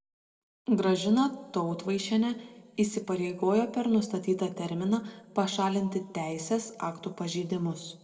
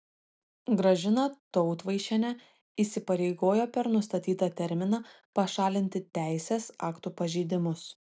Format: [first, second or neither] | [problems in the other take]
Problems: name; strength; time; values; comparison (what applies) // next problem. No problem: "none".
second | room echo; dies away in 1.1 s